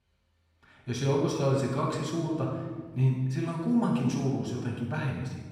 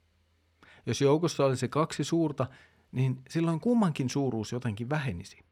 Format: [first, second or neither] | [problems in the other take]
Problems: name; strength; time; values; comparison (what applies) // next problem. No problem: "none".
second | off-mic speech; far // room echo; noticeable; dies away in 1.2 s